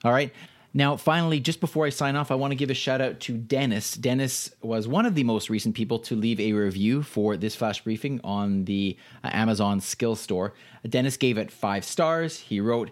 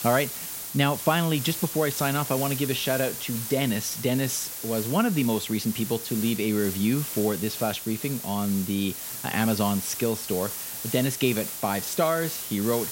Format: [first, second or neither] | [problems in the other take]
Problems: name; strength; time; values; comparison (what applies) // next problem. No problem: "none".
first | hiss; loud; throughout; 6 dB below the speech